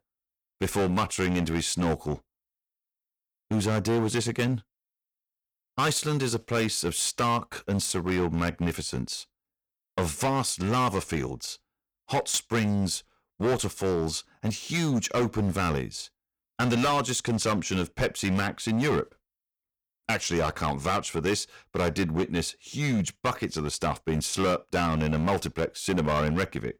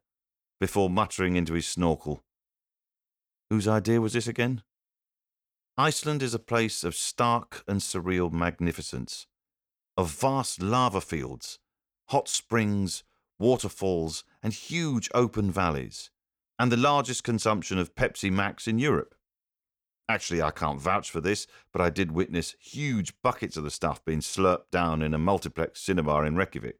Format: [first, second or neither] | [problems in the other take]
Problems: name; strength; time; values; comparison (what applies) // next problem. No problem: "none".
second | distortion; heavy; 11% of the sound clipped